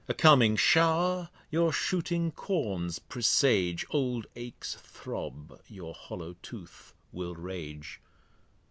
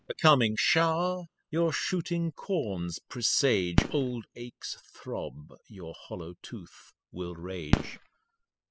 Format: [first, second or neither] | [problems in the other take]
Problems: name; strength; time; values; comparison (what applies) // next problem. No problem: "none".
first | noise reduction (classical method spectral subtraction)